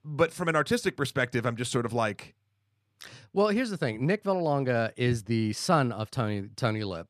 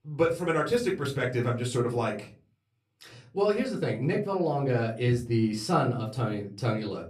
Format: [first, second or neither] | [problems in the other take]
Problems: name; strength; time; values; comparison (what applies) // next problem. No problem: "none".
first | off-mic speech; far // room echo; very slight; dies away in 0.3 s